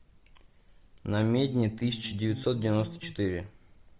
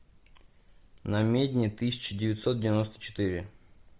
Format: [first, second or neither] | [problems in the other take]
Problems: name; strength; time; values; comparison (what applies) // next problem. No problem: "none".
second | background sound (Bass guitar); 11 dB below the speech